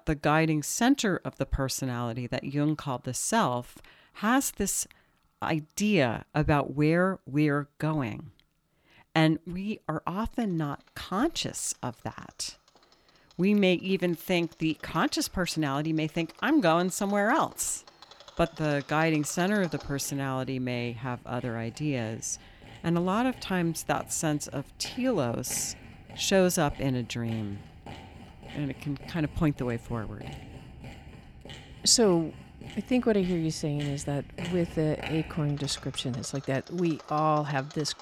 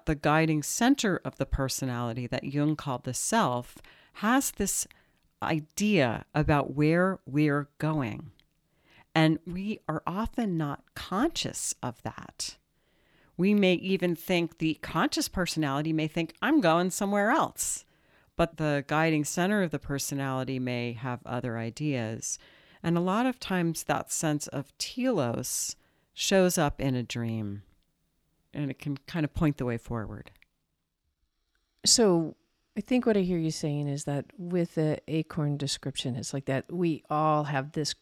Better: second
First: machinery noise; noticeable; throughout; 20 dB below the speech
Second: none

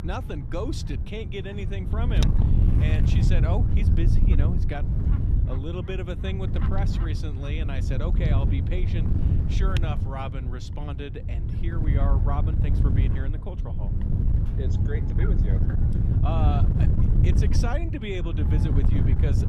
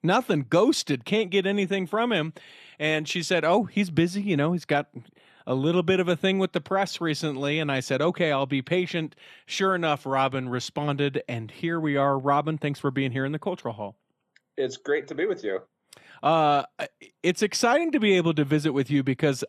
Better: second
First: wind noise on the microphone; heavy; 1 dB below the speech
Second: none

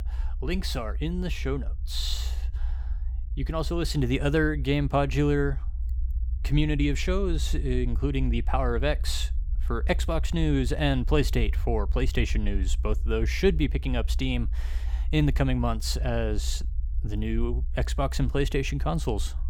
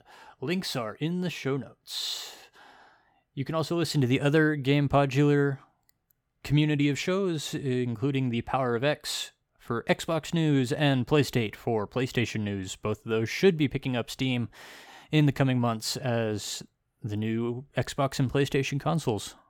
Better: second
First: low rumble; faint; throughout; 20 dB below the speech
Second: none

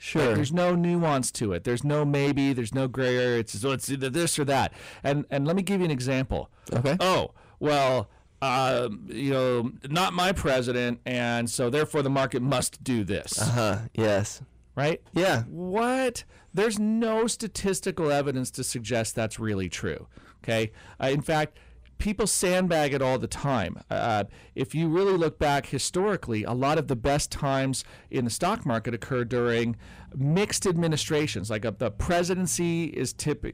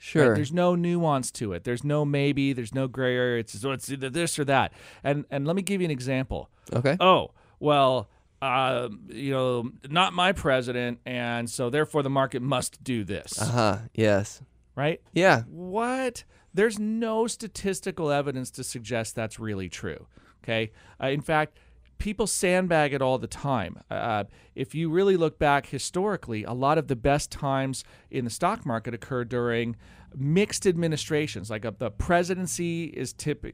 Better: second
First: distortion; heavy; 7 dB below the speech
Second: none

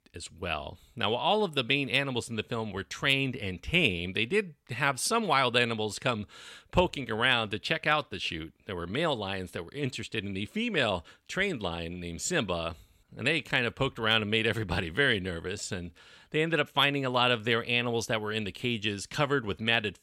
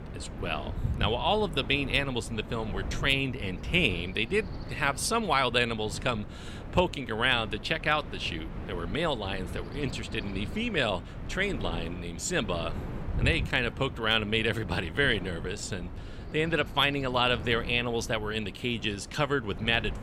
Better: first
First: none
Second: wind noise on the microphone; occasional gusts; 15 dB below the speech

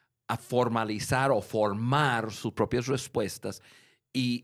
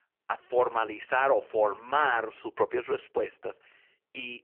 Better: first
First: none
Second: phone-call audio; poor line; nothing above 3 kHz

